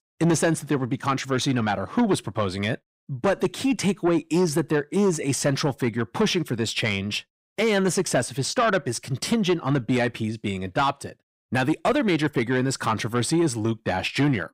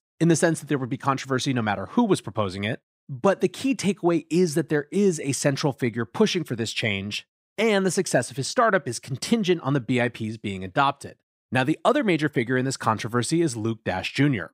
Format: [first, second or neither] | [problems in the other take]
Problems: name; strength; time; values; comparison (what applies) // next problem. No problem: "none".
second | distortion; slight; 10 dB below the speech